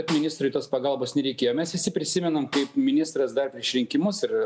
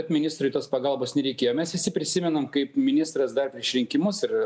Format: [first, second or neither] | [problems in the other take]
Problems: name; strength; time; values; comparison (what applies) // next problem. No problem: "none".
second | background sound (Snare drum); 15 dB below the speech